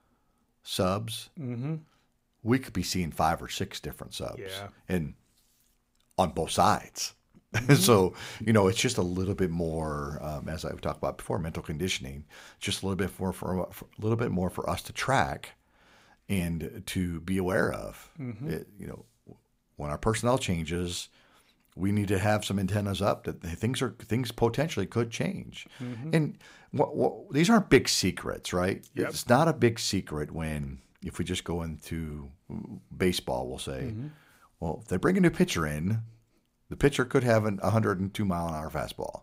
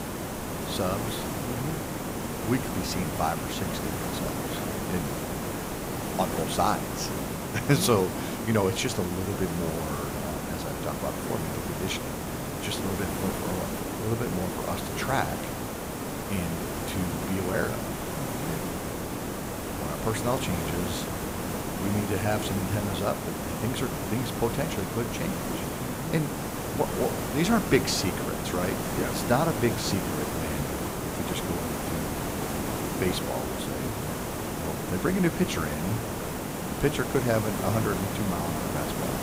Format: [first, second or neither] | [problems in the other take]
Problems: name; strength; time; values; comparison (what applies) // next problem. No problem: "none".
first | hiss; loud; throughout; 1 dB below the speech